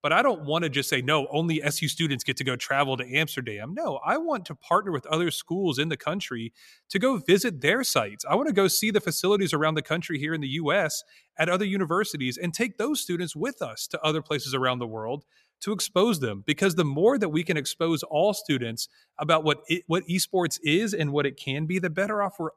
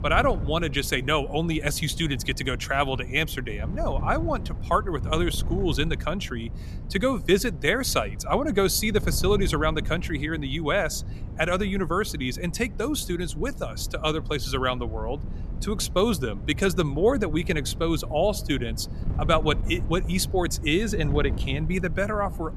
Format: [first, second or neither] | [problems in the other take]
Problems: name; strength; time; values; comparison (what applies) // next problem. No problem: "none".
first | wind noise on the microphone; occasional gusts; 20 dB below the speech